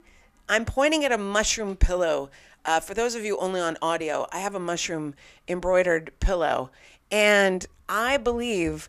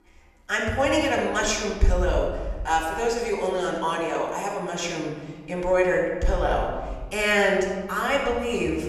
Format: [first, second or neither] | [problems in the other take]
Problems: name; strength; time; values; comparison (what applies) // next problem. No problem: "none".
first | off-mic speech; somewhat distant // room echo; noticeable; dies away in 1.5 s